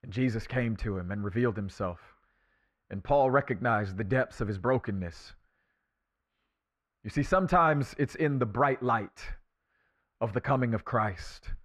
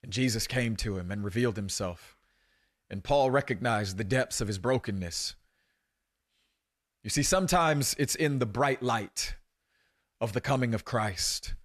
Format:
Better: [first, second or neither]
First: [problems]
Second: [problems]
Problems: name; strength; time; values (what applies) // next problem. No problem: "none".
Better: second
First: muffled; very; fading above 3.5 kHz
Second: none